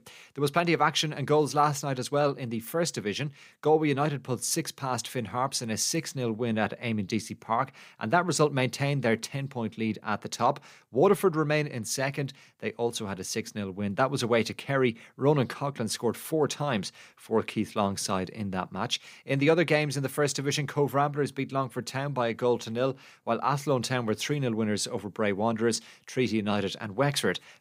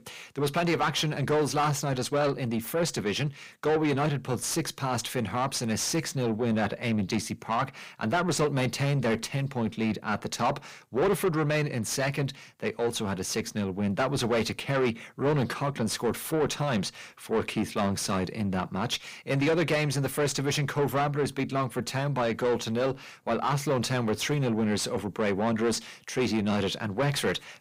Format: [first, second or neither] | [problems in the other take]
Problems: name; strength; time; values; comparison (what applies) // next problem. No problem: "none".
first | distortion; heavy; 7 dB below the speech